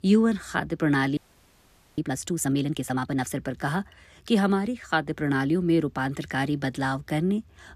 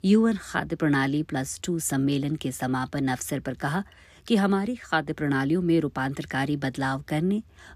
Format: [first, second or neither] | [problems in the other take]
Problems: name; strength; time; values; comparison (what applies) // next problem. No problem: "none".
second | audio freezing; at 1 s for 1 s